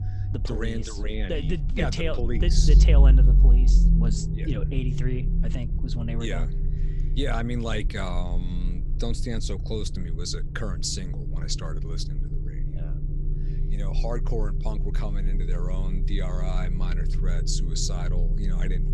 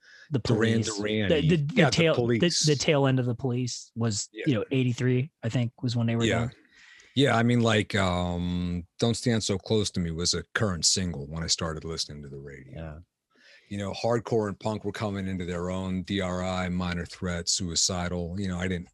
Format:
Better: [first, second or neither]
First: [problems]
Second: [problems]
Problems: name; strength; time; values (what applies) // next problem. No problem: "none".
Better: second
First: low rumble; loud; throughout; 8 dB below the speech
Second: none